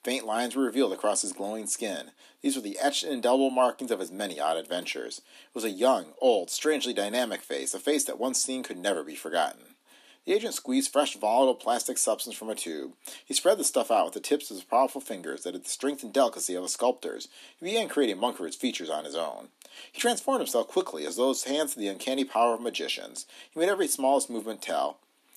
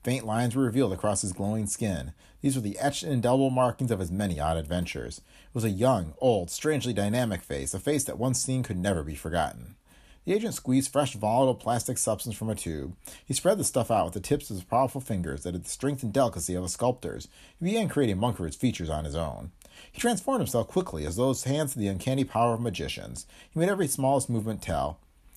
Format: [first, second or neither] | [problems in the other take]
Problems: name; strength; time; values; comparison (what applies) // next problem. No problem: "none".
second | thin; very slightly; fading below 250 Hz